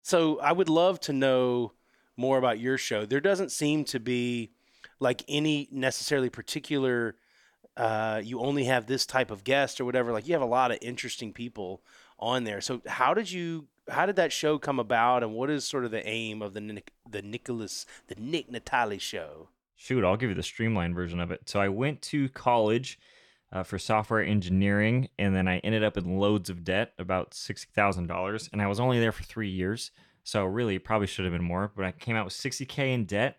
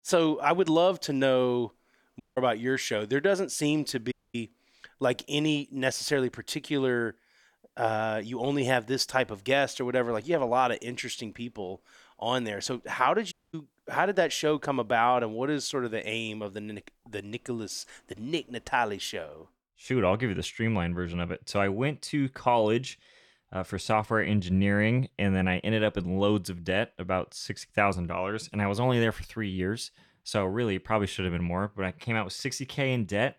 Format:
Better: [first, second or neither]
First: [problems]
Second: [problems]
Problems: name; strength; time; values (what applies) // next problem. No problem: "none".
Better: first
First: none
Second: audio cutting out; at 2 s, at 4 s and at 13 s